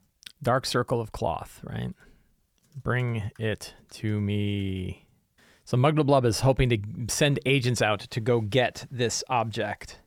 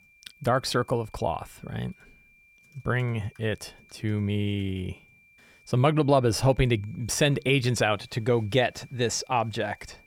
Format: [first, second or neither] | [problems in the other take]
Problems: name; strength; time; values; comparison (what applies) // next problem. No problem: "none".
first | high-pitched whine; faint; throughout; 2.5 kHz, 30 dB below the speech